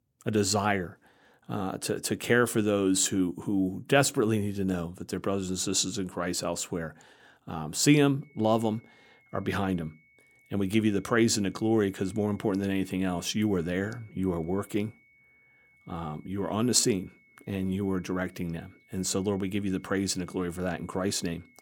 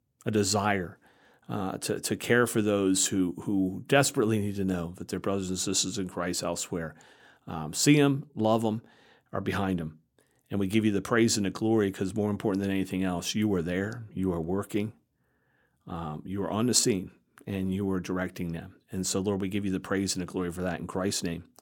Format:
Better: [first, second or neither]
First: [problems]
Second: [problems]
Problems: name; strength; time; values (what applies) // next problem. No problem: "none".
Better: second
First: high-pitched whine; faint; from 8 s on; 2 kHz, 30 dB below the speech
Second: none